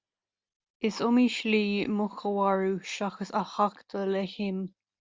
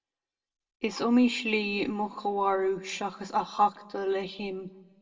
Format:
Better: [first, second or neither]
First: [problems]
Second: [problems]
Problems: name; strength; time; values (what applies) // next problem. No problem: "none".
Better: first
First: none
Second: room echo; dies away in 0.9 s